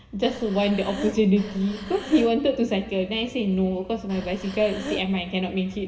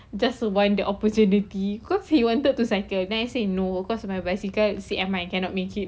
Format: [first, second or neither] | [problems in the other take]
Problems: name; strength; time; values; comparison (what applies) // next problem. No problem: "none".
second | background sound (Breathing); 12 dB below the speech // room echo; dies away in 2.3 s